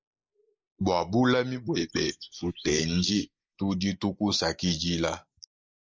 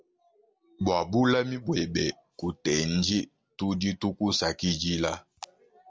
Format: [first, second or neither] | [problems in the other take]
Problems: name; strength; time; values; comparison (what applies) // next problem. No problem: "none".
second | noise reduction (neural mask model Resemble Enhance denoiser)